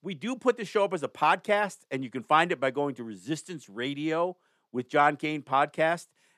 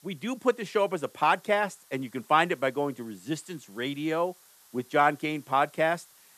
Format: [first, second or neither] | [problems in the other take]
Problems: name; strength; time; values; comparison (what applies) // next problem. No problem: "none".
first | hiss; faint; throughout; 25 dB below the speech